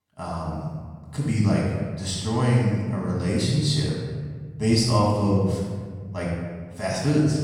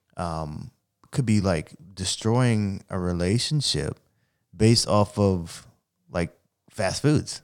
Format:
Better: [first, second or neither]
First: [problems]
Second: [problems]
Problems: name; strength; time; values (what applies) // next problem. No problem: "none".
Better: second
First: off-mic speech; far // room echo; strong; dies away in 1.6 s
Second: none